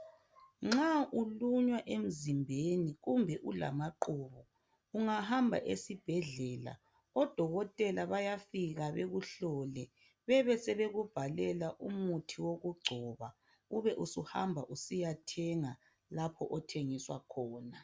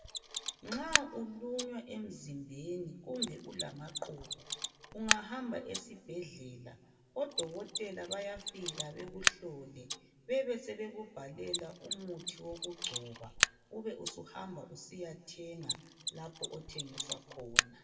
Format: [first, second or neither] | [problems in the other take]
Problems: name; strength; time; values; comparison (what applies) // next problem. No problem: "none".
first | background sound (Mechanisms); 3 dB above the speech // room echo; dies away in 1.2 s